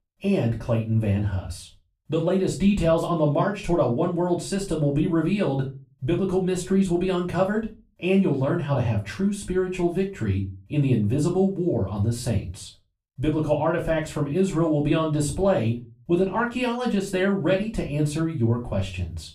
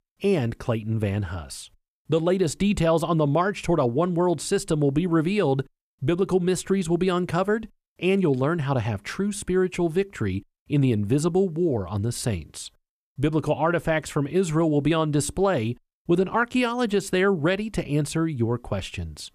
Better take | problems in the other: second | off-mic speech; far // room echo; very slight; dies away in 0.3 s

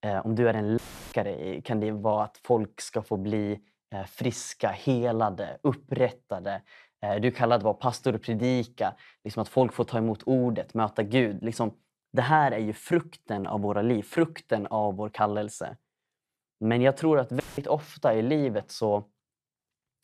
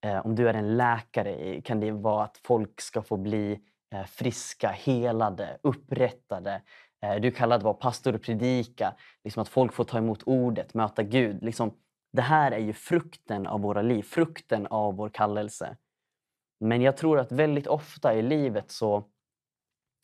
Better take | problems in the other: second | audio cutting out; filled with static; at 1 s and at 17 s

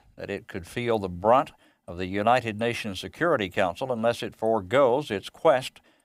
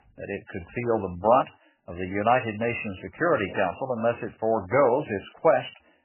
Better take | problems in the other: first | garbled, watery; badly; nothing above 3 kHz

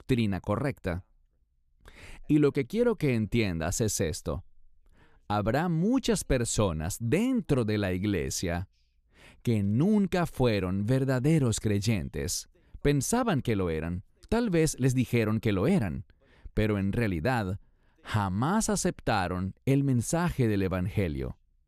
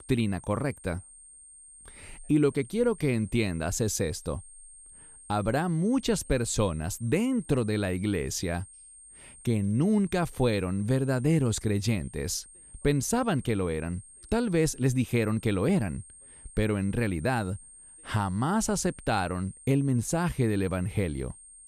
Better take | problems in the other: first | high-pitched whine; noticeable; throughout; 8.5 kHz, 20 dB below the speech

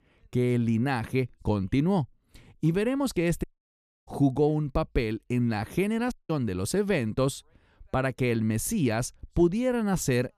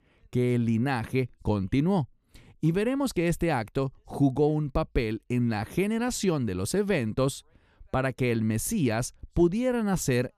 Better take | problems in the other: second | audio cutting out; at 3.5 s for 0.5 s and at 6 s

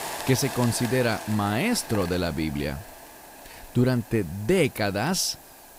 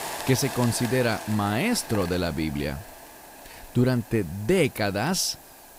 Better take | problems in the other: neither | hiss; noticeable; throughout; 15 dB below the speech; the same in both

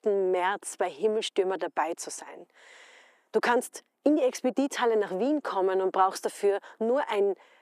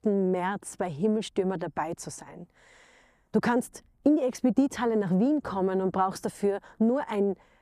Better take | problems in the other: second | thin; somewhat; fading below 350 Hz

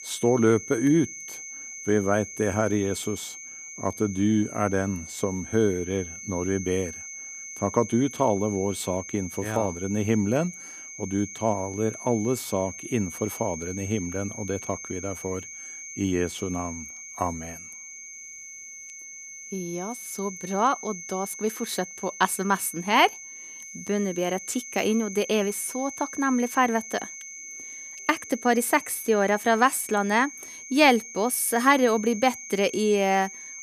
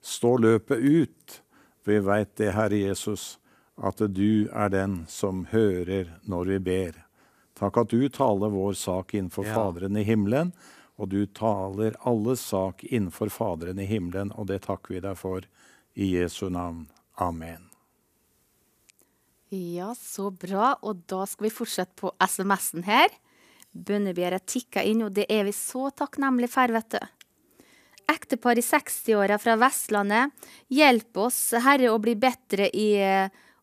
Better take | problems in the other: second | high-pitched whine; noticeable; throughout; 6 kHz, 10 dB below the speech

